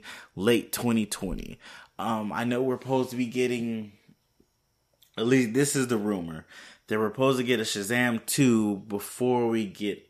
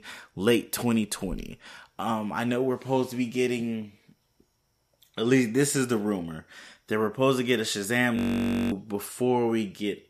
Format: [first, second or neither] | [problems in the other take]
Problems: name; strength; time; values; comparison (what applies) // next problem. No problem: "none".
first | audio freezing; at 8 s for 0.5 s